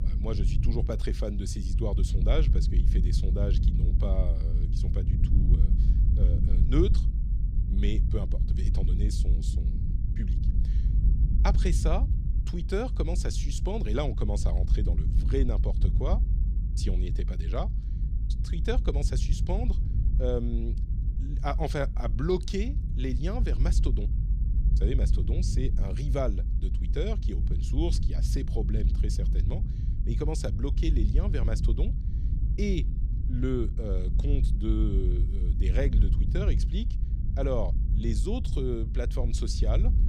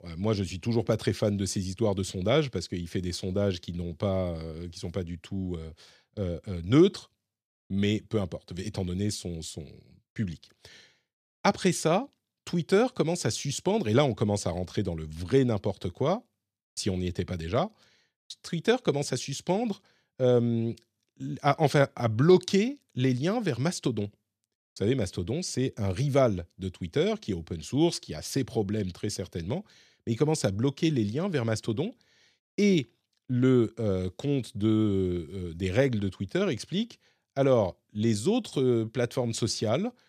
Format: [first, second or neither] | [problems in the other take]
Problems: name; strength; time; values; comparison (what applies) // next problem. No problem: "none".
second | low rumble; loud; throughout; 9 dB below the speech